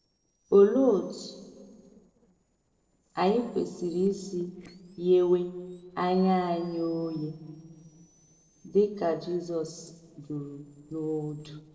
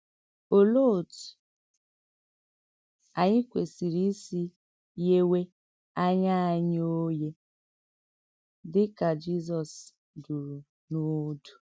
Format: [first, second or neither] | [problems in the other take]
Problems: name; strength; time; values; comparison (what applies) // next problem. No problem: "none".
second | noise reduction (neural separator model SepFormer DNS4)